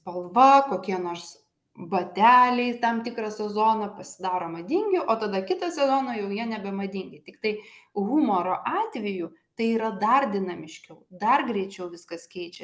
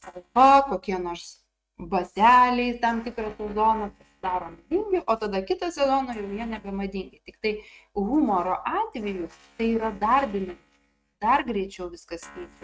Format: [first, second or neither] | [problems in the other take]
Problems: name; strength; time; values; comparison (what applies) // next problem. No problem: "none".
first | noise reduction (neural mask model RNNoise)